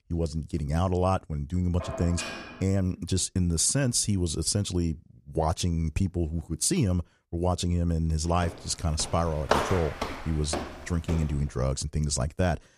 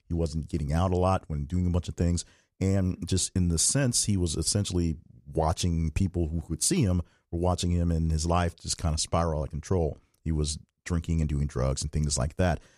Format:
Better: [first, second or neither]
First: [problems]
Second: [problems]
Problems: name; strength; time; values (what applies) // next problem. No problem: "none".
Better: second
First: clattering dishes; noticeable; at 2 s; peak 8 dB below the speech // footsteps; loud; from 8.5 to 11 s; peak 1 dB above the speech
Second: none